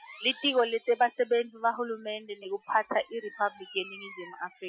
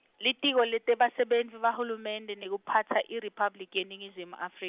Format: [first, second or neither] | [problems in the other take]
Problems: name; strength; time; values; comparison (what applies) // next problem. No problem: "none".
second | noise reduction (classical method Wiener filter)